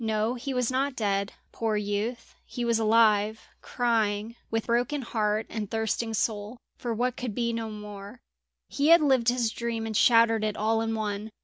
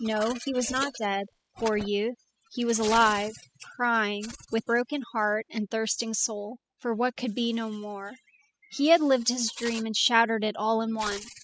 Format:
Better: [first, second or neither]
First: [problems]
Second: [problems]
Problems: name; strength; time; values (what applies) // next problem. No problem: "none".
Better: first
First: none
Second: noise reduction (classical method spectral subtraction)